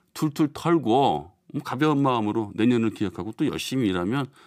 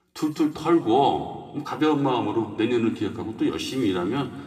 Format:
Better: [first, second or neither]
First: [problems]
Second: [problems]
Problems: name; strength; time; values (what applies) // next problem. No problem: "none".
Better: first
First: none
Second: room echo; noticeable; dies away in 1.2 s // off-mic speech; somewhat distant